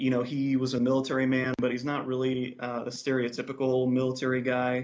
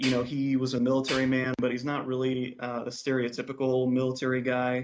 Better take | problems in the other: first | noise reduction (neural mask model RNNoise)

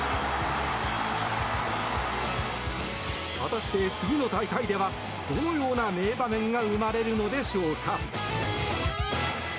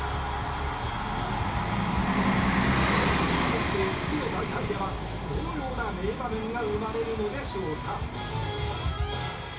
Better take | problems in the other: first | background sound (Bus); 1 dB above the speech // room echo; dies away in 0.3 s

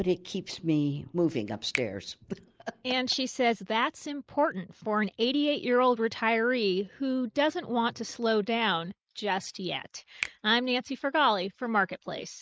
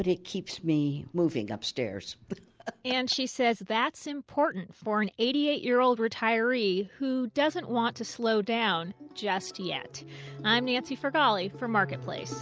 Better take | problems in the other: second | noise reduction (neural mask model Resemble Enhance denoiser)

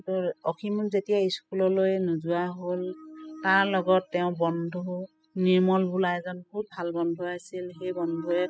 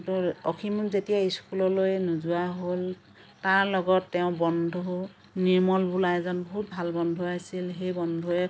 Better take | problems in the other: second | noise reduction (classical method spectral subtraction)

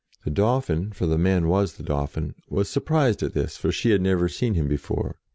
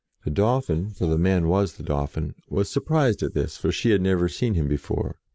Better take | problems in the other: first | noise reduction (neural mask model Resemble Enhance denoiser)

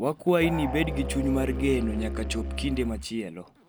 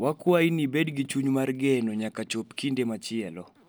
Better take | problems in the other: second | background sound (Musical instrument); 5 dB below the speech

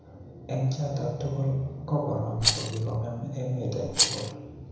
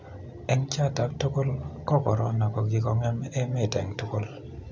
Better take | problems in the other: second | background sound (Rattle); 1 dB below the speech // room echo; dies away in 1 s

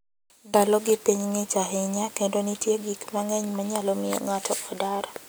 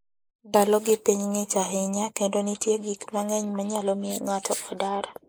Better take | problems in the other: first | noise reduction (neural mask model Resemble Enhance denoiser)

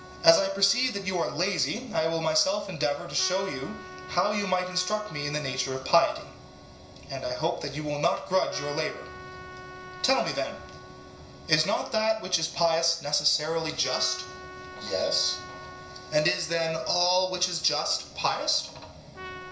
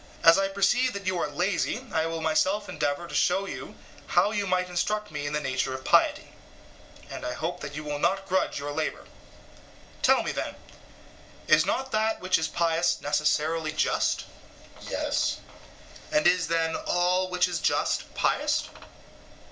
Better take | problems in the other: second | background sound (Trumpet); 17 dB below the speech // room echo; dies away in 0.5 s

